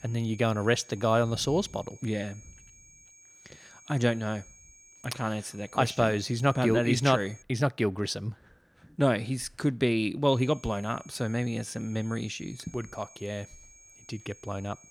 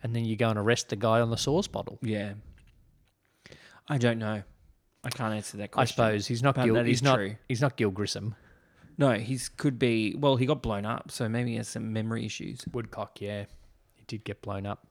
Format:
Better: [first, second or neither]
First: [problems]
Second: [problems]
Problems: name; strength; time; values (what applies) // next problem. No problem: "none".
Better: second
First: high-pitched whine; faint; until 7.5 s and from 10 s on; 6.5 kHz, 20 dB below the speech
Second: none